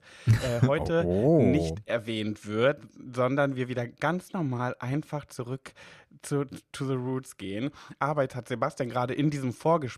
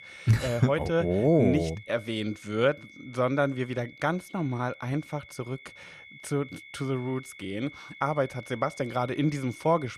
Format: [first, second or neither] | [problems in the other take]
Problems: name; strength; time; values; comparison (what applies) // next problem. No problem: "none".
first | high-pitched whine; noticeable; throughout; 2 kHz, 20 dB below the speech